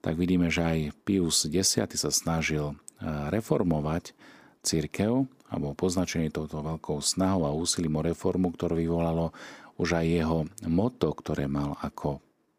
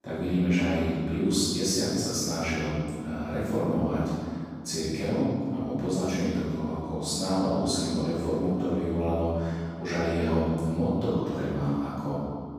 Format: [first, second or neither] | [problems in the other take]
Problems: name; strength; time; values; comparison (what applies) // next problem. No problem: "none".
first | off-mic speech; far // room echo; strong; dies away in 1.9 s